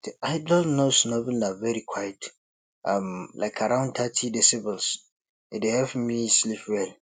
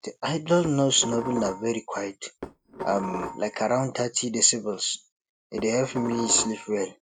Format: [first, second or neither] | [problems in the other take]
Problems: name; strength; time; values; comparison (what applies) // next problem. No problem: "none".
first | background sound (Dishes, pots, and pans); 9 dB below the speech